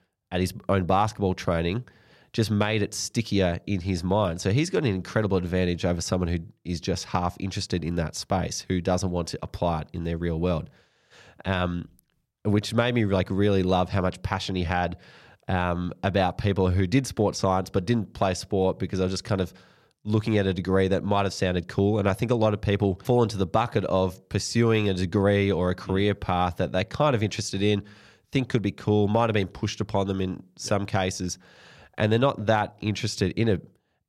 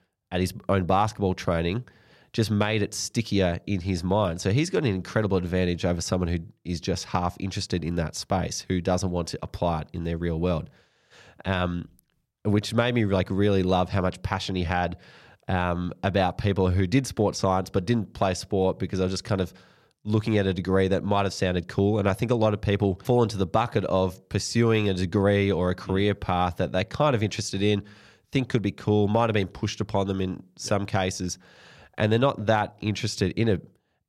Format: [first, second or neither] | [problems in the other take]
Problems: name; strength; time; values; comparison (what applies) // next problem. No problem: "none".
neither | none